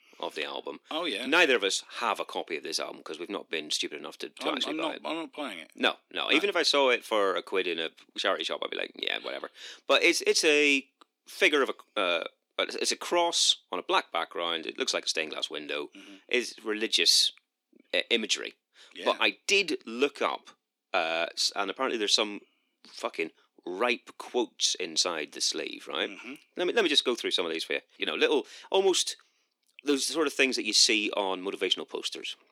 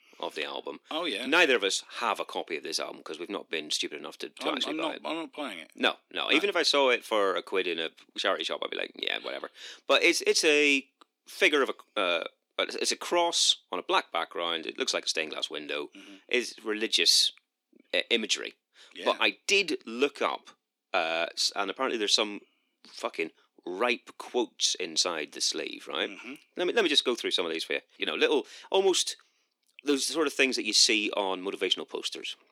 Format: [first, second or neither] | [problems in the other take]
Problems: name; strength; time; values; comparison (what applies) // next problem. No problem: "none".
neither | thin; somewhat; fading below 300 Hz; the same in both